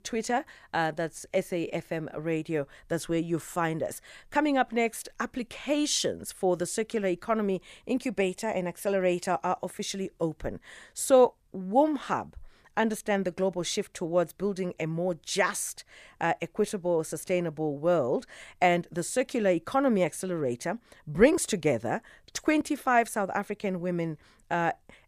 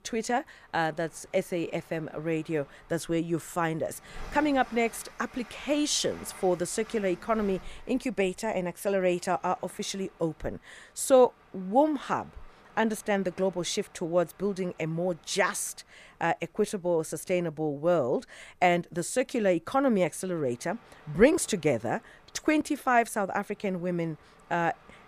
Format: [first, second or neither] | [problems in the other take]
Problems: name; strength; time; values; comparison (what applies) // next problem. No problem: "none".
first | train or aircraft noise; faint; throughout; 25 dB below the speech